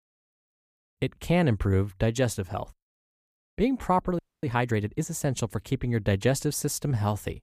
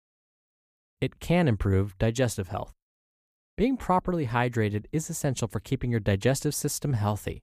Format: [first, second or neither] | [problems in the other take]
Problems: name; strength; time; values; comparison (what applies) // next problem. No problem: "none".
second | audio freezing; at 4 s